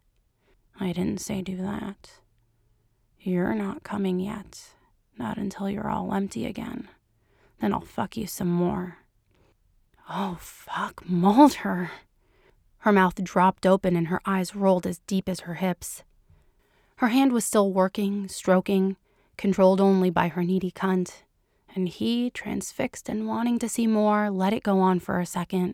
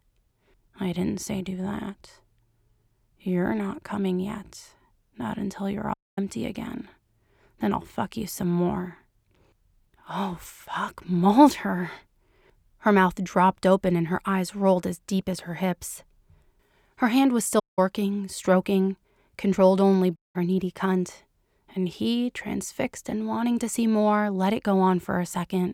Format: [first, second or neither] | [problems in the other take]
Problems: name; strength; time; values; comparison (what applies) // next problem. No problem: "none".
first | audio cutting out; at 6 s, at 18 s and at 20 s